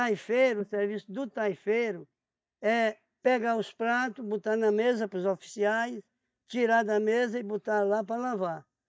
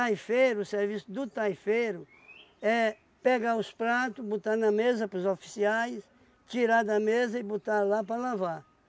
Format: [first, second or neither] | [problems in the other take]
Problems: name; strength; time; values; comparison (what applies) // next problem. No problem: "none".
second | noise reduction (neural mask model DeepFilterNet 3)